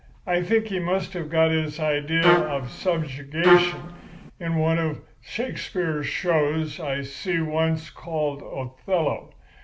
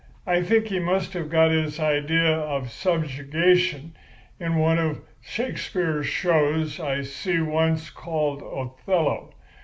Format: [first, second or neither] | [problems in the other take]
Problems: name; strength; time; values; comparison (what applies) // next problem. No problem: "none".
second | background sound (Trumpet); 1 dB above the speech